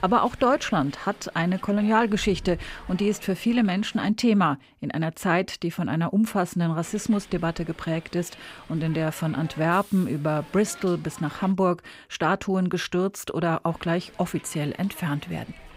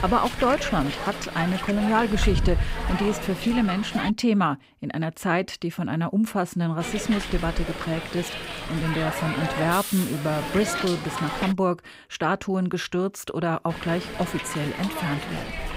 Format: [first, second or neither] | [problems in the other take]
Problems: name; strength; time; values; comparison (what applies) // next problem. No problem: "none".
first | hiss; loud; until 4 s, from 7 to 12 s and from 14 s on; 5 dB below the speech; faint in the first